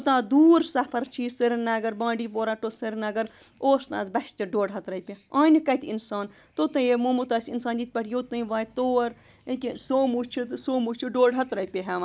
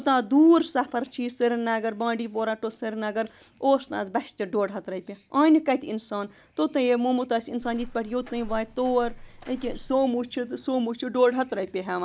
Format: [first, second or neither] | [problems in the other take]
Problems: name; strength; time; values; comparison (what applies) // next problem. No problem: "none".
first | background sound (Walk, footsteps); 14 dB below the speech